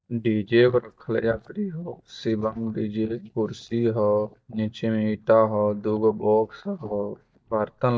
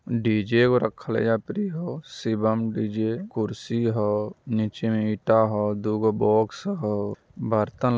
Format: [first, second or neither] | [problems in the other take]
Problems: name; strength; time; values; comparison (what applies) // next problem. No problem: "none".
second | noise reduction (neural mask model DeepFilterNet 3)